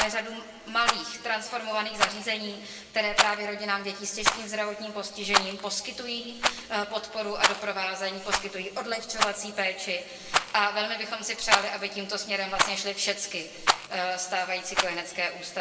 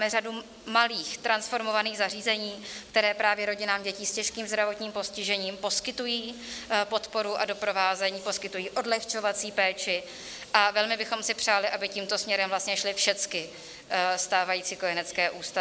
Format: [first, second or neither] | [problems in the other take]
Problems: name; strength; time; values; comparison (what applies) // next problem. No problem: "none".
second | background sound (Rattle); 1 dB below the speech // room echo; dies away in 1.5 s